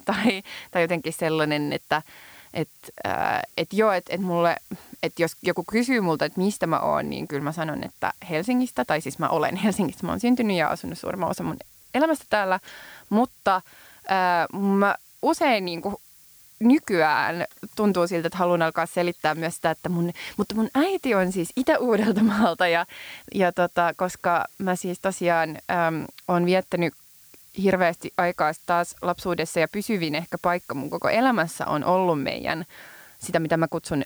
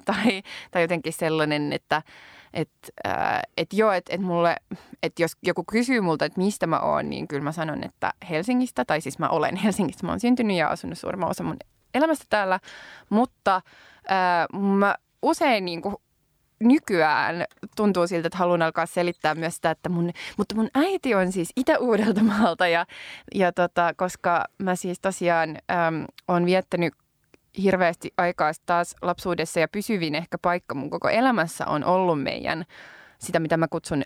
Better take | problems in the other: second | hiss; faint; throughout; 25 dB below the speech

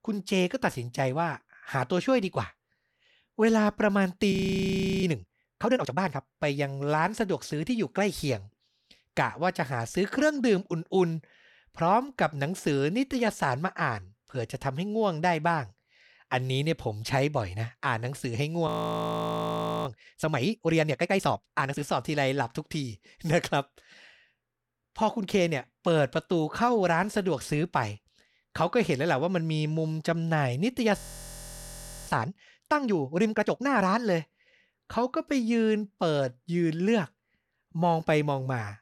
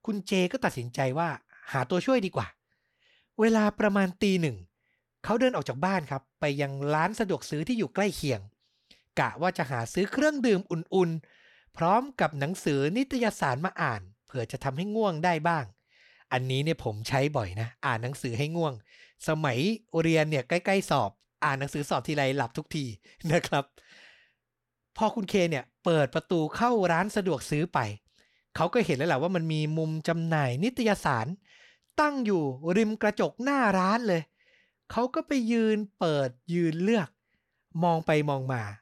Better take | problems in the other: second | audio freezing; at 4.5 s for 0.5 s, at 19 s for 1 s and at 31 s for 1 s

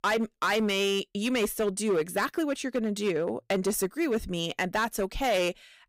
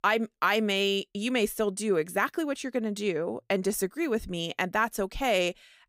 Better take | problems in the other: second | distortion; slight; 8% of the sound clipped

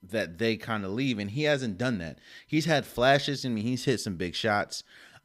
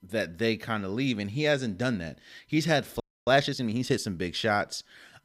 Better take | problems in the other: first | audio freezing; at 3 s

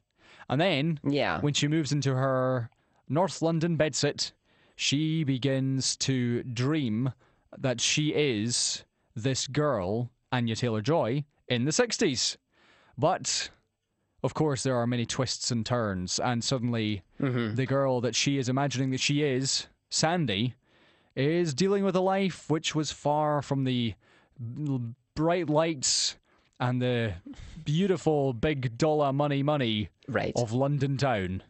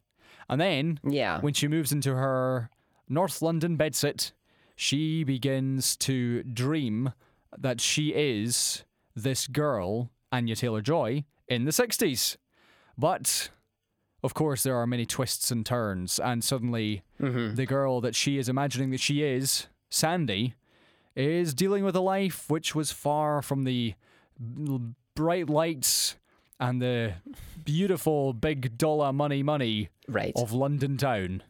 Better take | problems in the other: second | garbled, watery; slightly; nothing above 8.5 kHz

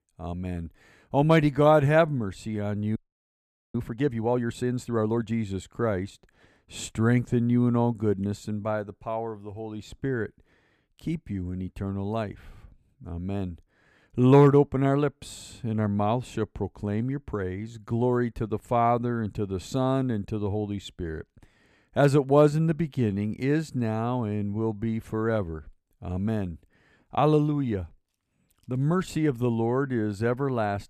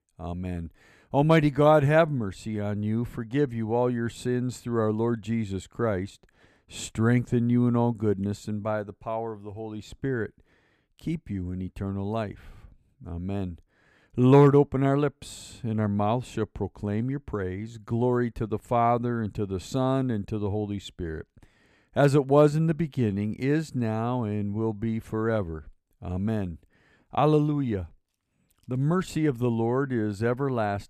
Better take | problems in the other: second | audio freezing; at 3 s for 1 s

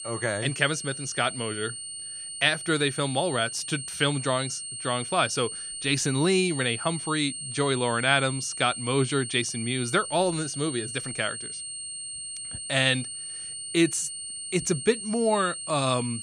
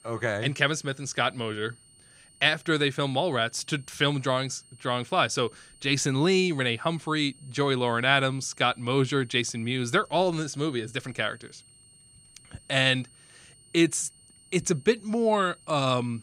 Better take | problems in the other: second | high-pitched whine; loud; throughout; 8.5 kHz, 7 dB below the speech; faint in the second

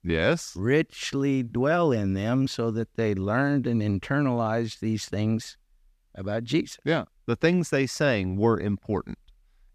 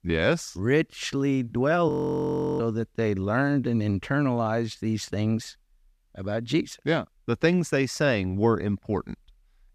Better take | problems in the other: first | audio freezing; at 2 s for 0.5 s

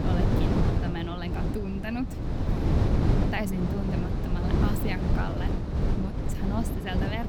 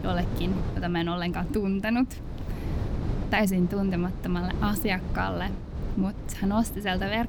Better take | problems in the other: second | wind noise on the microphone; heavy; 1 dB above the speech; occasional gusts in the second

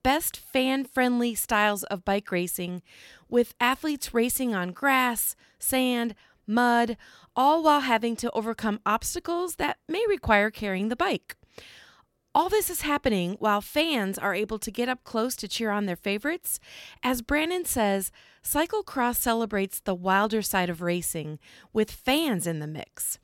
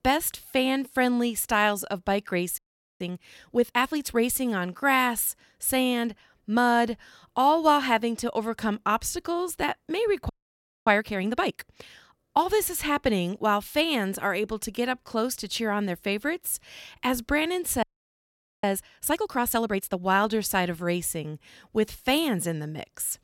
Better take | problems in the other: first | audio freezing; at 2.5 s, at 10 s for 0.5 s and at 18 s for 1 s

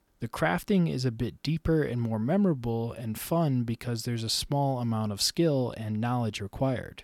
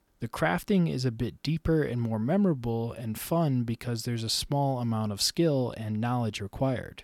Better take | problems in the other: neither | none

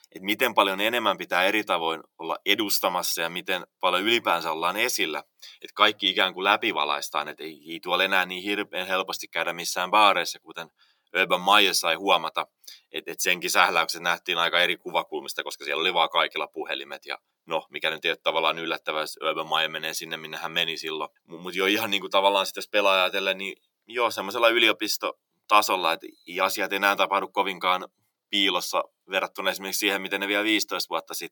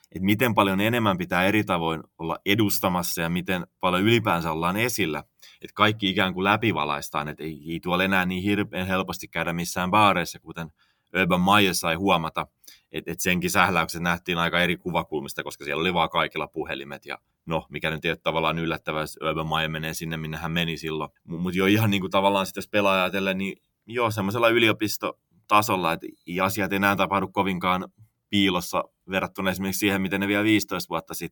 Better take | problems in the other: second | thin; somewhat; fading below 450 Hz

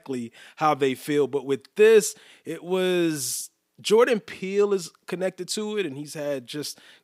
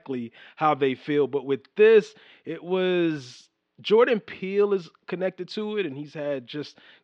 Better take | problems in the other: first | muffled; slightly; fading above 3.5 kHz

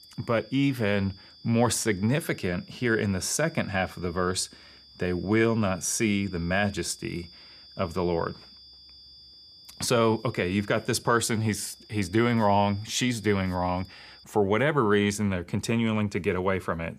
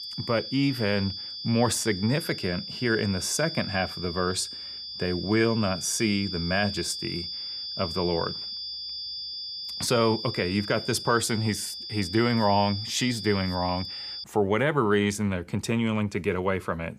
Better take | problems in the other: first | high-pitched whine; loud; until 14 s; 4.5 kHz, 7 dB below the speech; faint in the first

